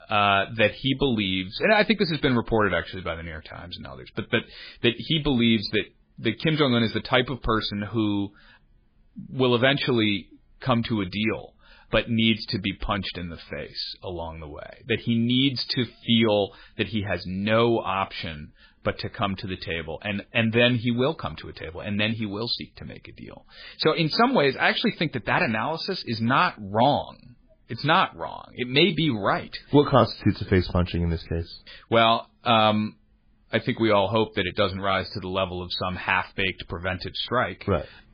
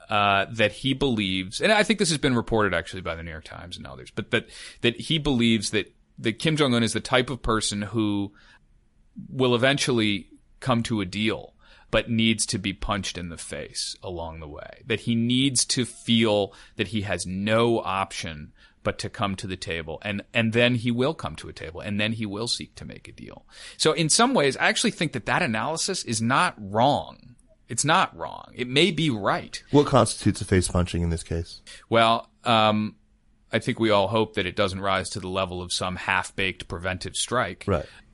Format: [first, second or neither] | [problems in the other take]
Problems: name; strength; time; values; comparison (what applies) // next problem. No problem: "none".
second | garbled, watery; badly; slightly in the second